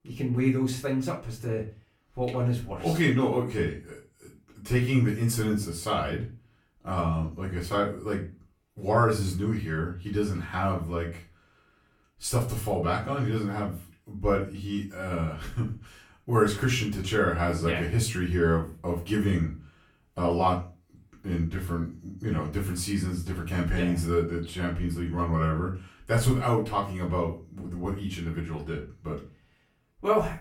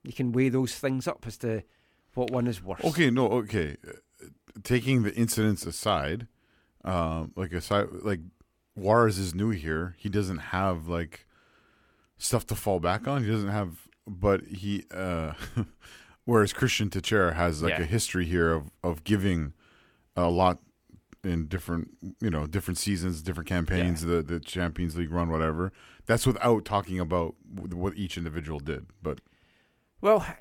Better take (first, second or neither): second